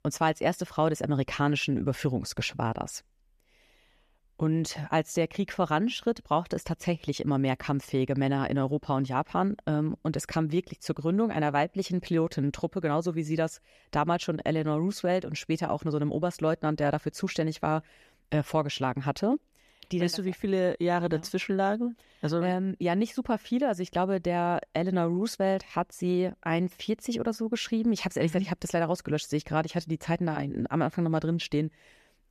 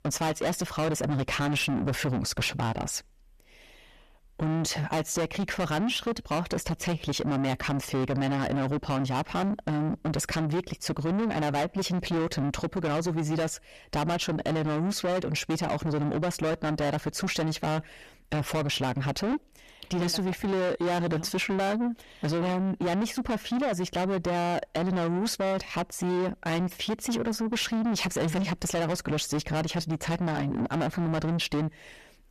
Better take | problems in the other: first | distortion; heavy; 5 dB below the speech

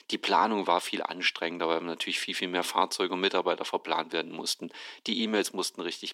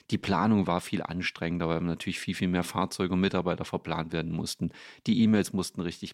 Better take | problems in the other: second | thin; somewhat; fading below 300 Hz

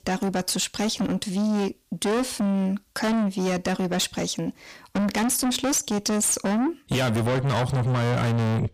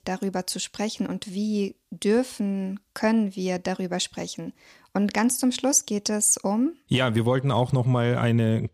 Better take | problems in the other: second | distortion; heavy; 5 dB below the speech

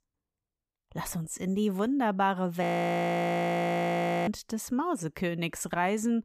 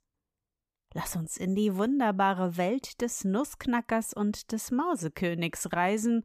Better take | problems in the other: second | audio freezing; at 2.5 s for 1.5 s

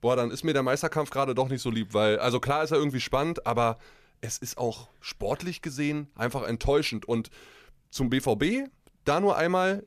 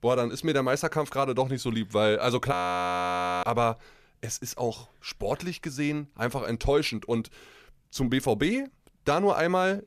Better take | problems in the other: first | audio freezing; at 2.5 s for 1 s

